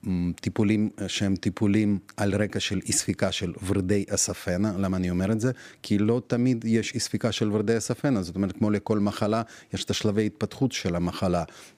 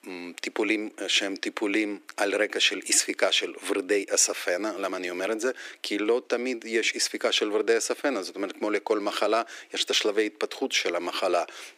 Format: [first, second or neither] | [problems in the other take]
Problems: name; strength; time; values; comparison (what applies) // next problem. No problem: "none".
first | thin; very; fading below 300 Hz